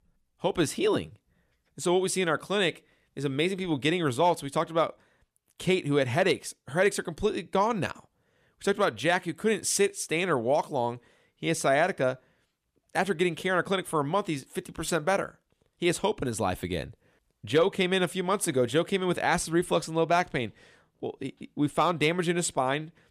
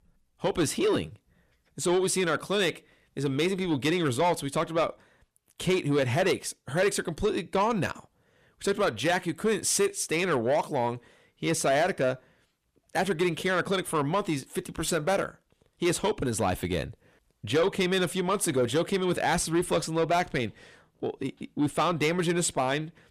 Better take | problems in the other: first | distortion; slight; 10 dB below the speech

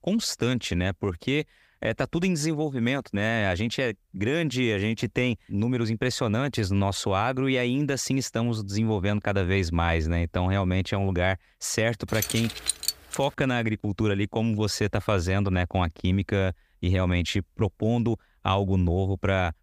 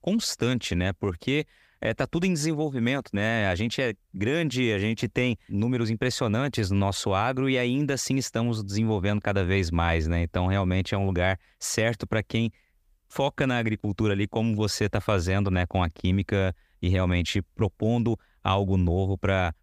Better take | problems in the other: second | jangling keys; noticeable; from 12 to 13 s; peak 1 dB below the speech

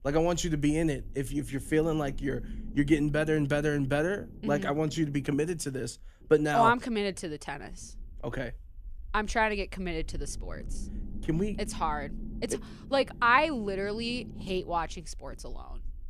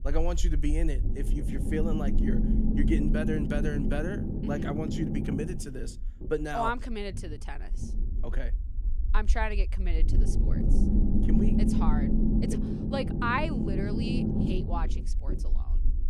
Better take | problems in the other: first | low rumble; loud; throughout; 2 dB below the speech; faint in the first

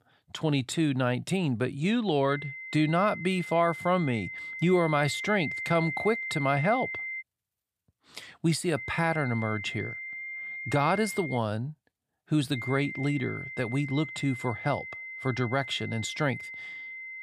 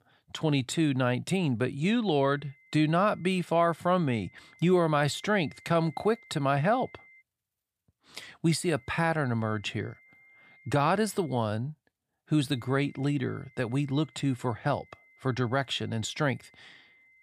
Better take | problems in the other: second | high-pitched whine; loud; from 2.5 to 7 s, from 9 to 11 s and from 13 s on; 2 kHz, 8 dB below the speech; faint in the second

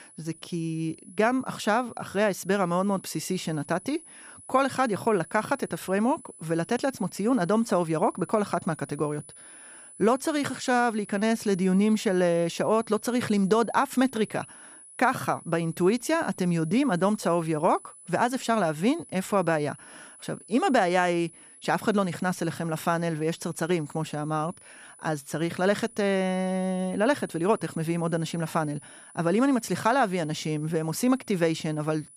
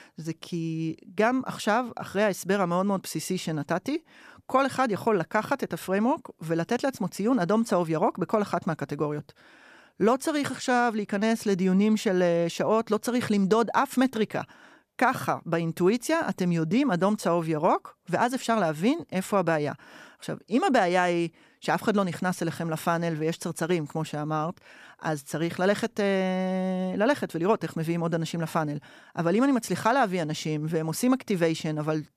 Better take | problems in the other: second | high-pitched whine; faint; throughout; 10 kHz, 20 dB below the speech

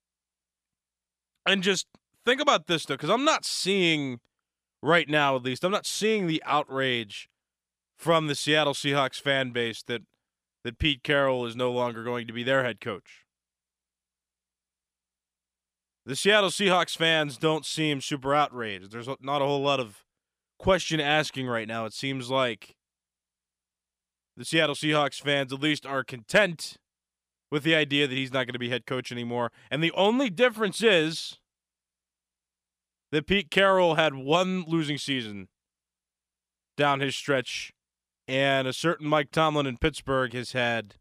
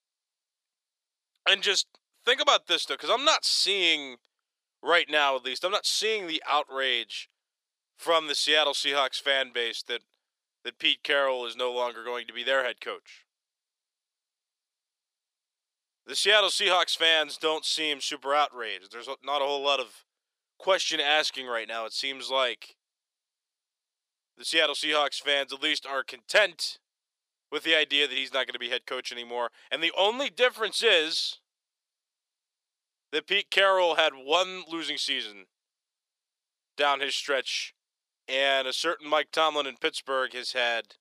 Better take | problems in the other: first | thin; very; fading below 450 Hz

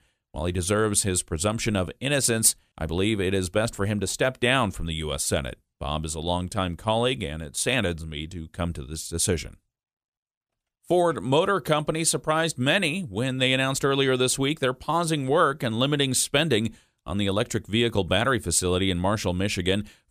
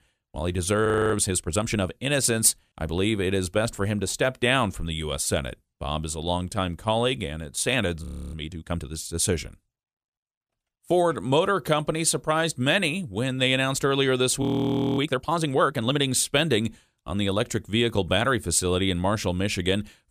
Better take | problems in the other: first | audio freezing; at 1 s, at 8 s and at 14 s for 0.5 s

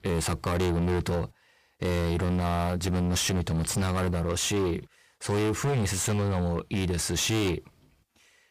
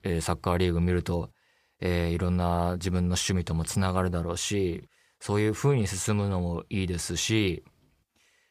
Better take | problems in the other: second | distortion; heavy; 27% of the sound clipped

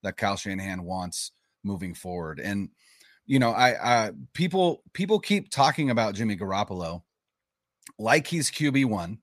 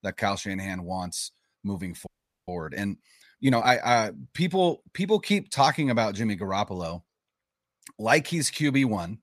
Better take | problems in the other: first | audio freezing; at 2 s

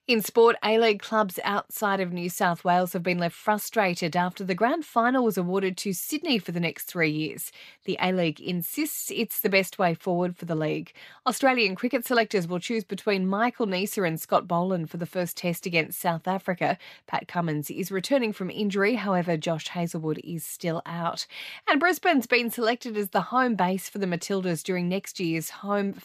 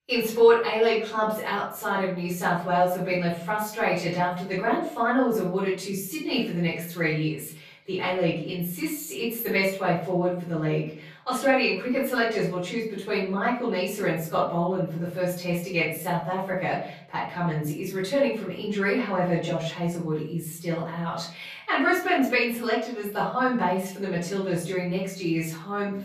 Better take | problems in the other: first | off-mic speech; far // room echo; noticeable; dies away in 0.5 s

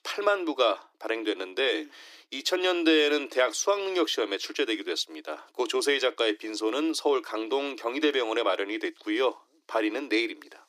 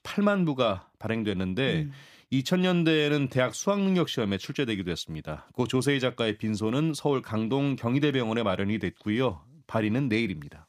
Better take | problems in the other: second | thin; very; fading below 300 Hz

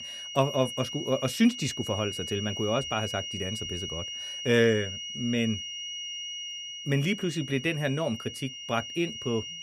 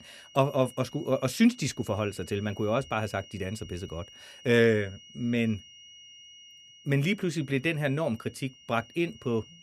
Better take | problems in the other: second | high-pitched whine; loud; throughout; 3 kHz, 6 dB below the speech; faint in the second

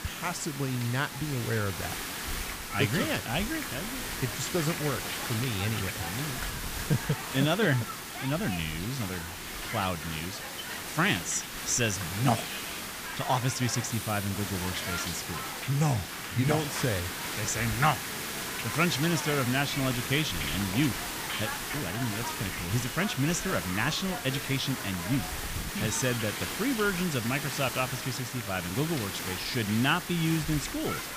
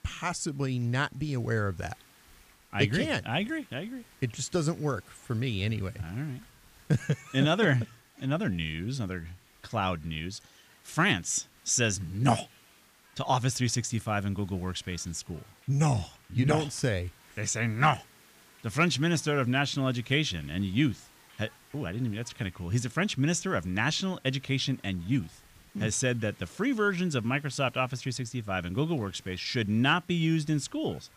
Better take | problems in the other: second | hiss; loud; throughout; 4 dB below the speech; faint in the second

